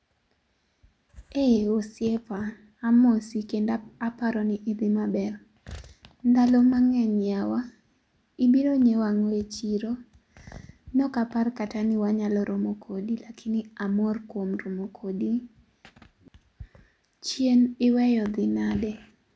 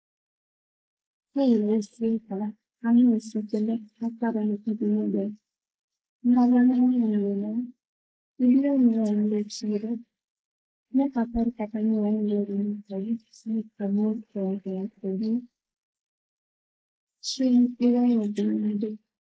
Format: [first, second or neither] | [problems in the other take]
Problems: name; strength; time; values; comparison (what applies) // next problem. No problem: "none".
first | noise reduction (neural mask model Resemble Enhance denoiser)